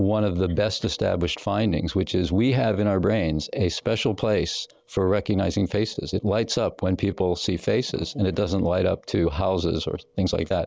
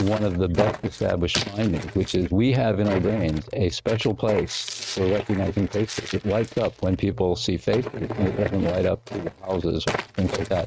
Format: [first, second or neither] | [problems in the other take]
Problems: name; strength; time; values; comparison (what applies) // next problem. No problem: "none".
first | noise reduction (neural mask model RNNoise)